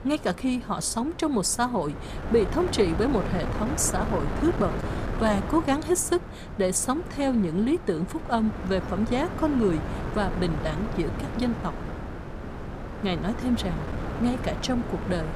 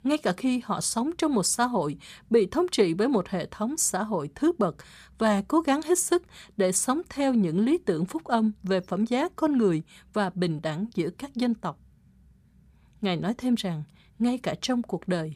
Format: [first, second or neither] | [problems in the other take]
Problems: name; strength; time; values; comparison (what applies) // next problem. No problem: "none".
second | wind noise on the microphone; heavy; 8 dB below the speech